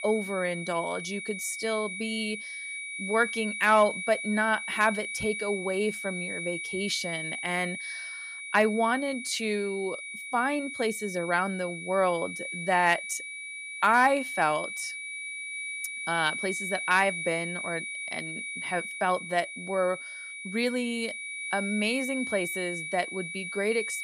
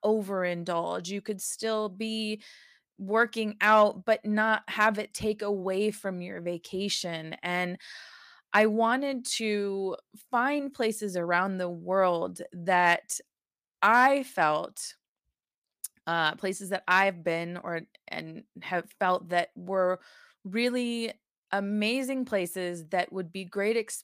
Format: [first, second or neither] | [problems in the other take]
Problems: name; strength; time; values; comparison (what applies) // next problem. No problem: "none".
second | high-pitched whine; loud; throughout; 2.5 kHz, 6 dB below the speech